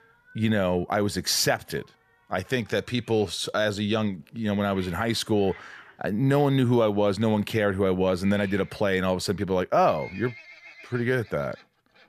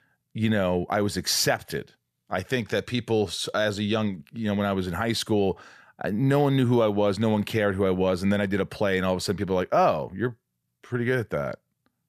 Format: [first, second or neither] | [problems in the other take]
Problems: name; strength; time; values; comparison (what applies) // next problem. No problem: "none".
second | animal sounds; faint; throughout; 20 dB below the speech